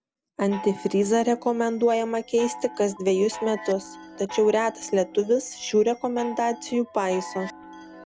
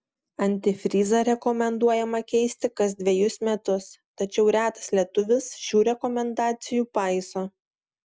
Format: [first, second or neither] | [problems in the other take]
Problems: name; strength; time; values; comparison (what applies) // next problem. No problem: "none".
second | background sound (Chime); 16 dB below the speech